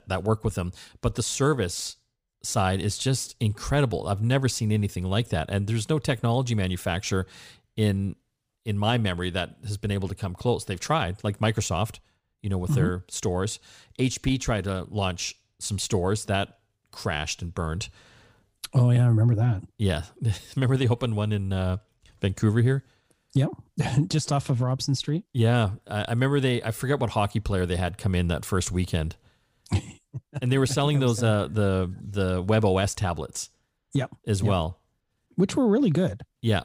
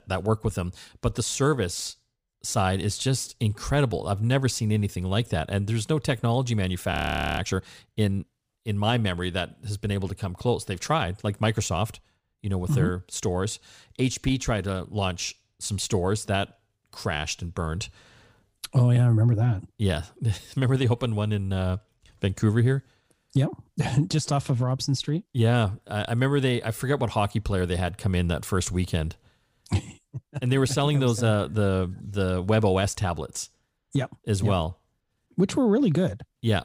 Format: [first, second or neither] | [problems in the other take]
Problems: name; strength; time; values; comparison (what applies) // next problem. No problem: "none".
first | audio freezing; at 7 s